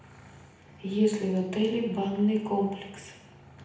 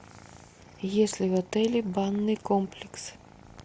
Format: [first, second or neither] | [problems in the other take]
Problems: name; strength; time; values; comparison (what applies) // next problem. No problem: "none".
second | room echo; dies away in 0.8 s